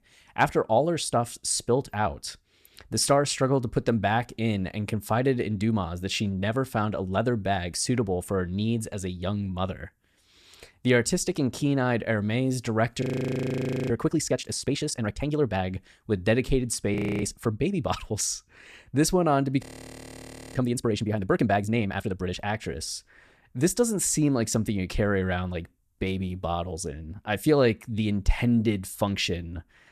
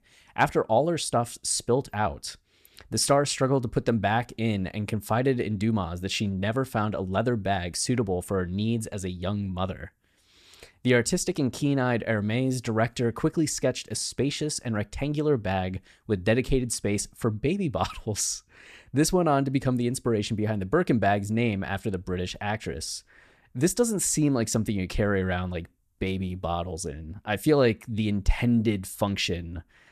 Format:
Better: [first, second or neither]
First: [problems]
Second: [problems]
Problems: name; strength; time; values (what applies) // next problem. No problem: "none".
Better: second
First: audio freezing; at 13 s for 1 s, at 17 s and at 20 s for 1 s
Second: none